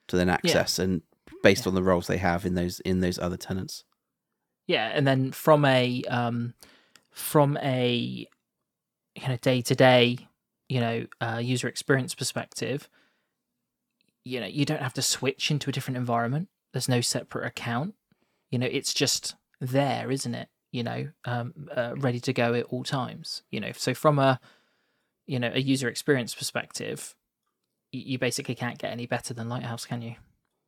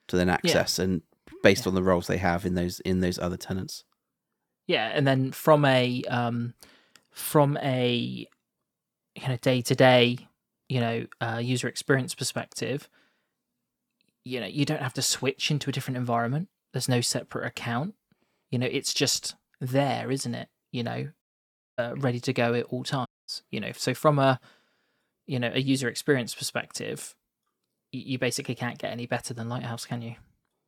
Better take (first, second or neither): first